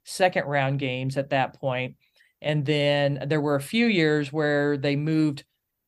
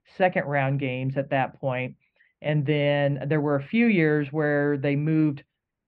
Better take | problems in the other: first | muffled; very; fading above 2.5 kHz

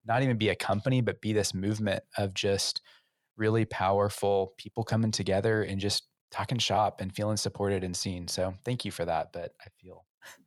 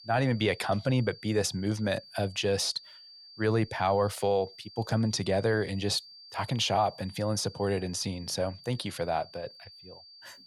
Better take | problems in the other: first | high-pitched whine; noticeable; throughout; 4.5 kHz, 20 dB below the speech

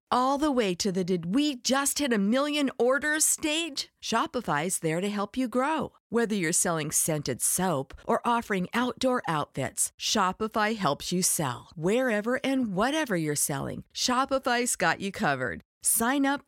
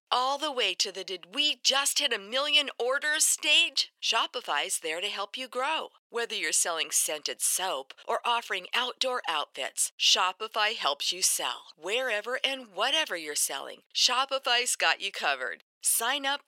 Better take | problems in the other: first | thin; very; fading below 500 Hz

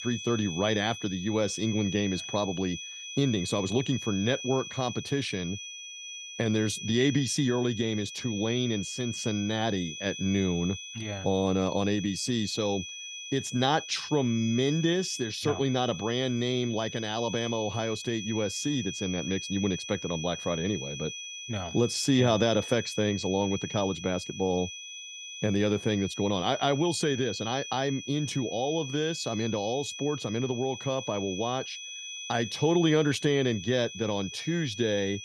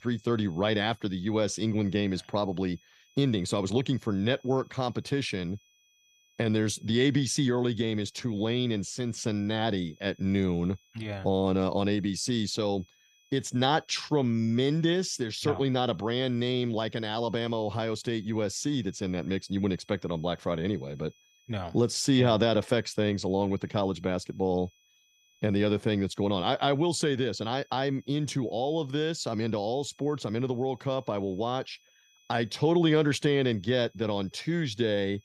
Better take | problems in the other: second | high-pitched whine; loud; throughout; 3.5 kHz, 9 dB below the speech; faint in the second

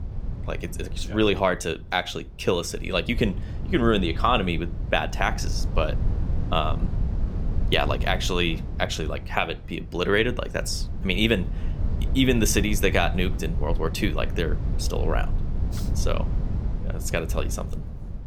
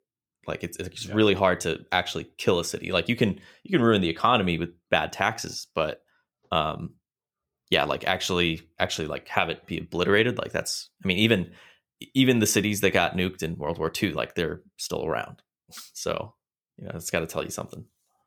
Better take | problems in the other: second | wind noise on the microphone; occasional gusts; 15 dB below the speech

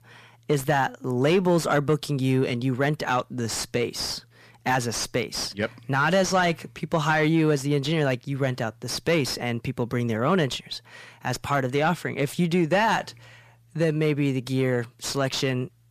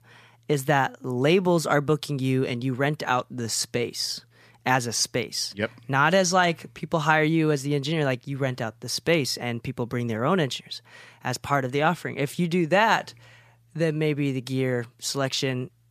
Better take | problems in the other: second | distortion; slight; 10 dB below the speech

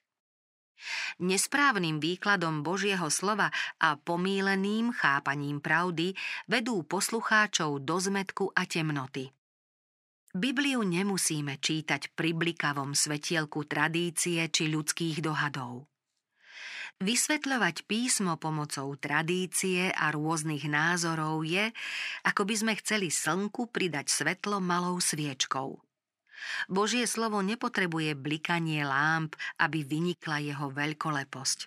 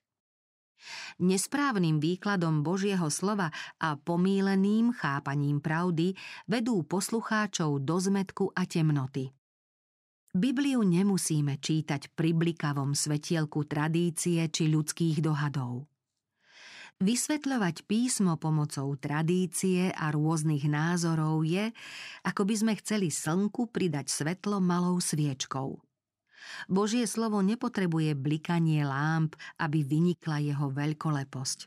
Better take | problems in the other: second | thin; somewhat; fading below 450 Hz

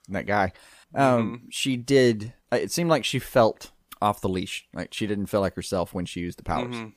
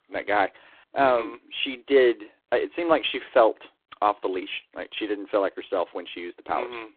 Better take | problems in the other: first | phone-call audio; poor line

